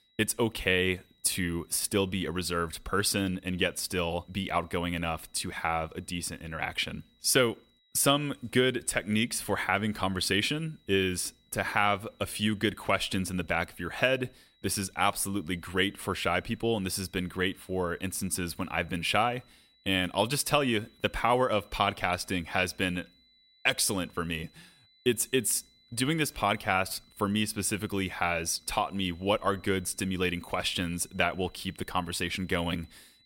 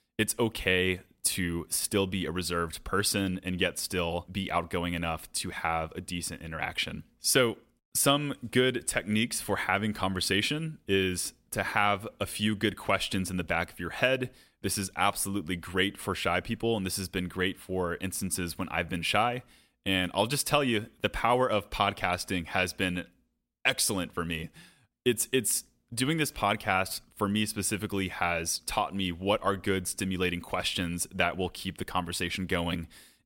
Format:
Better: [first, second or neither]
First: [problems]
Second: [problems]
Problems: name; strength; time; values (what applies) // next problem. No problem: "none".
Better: second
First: high-pitched whine; faint; throughout; 4 kHz, 35 dB below the speech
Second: none